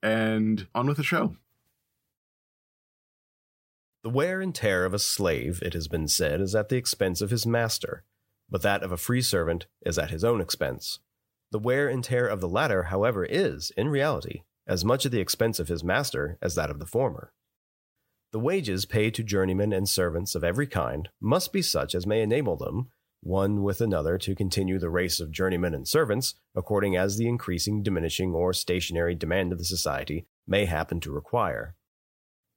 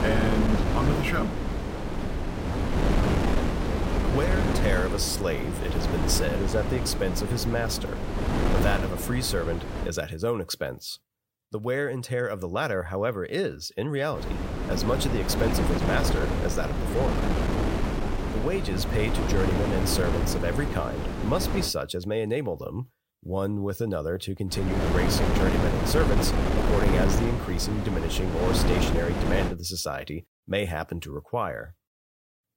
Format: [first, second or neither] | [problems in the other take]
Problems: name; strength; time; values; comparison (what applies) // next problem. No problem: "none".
first | wind noise on the microphone; heavy; until 10 s, from 14 to 22 s and from 25 to 30 s; 1 dB below the speech